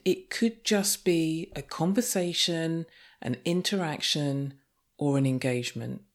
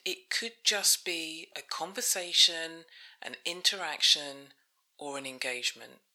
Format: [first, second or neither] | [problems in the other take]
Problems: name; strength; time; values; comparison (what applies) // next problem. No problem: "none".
first | thin; very; fading below 850 Hz